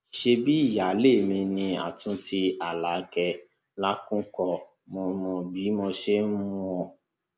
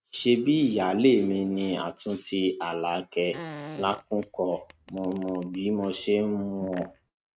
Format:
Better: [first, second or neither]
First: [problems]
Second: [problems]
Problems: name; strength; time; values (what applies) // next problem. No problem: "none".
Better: first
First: none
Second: noise reduction (neural mask model RNNoise)